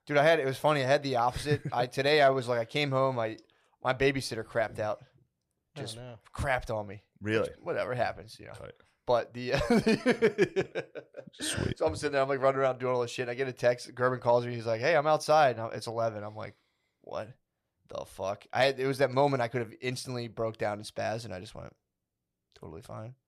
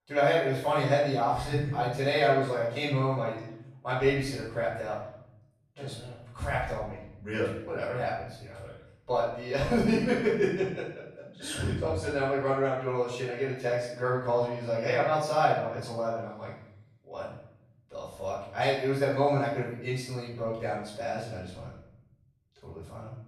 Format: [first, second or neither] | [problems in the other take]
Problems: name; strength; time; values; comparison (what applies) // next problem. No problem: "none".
first | off-mic speech; far // room echo; noticeable; dies away in 0.7 s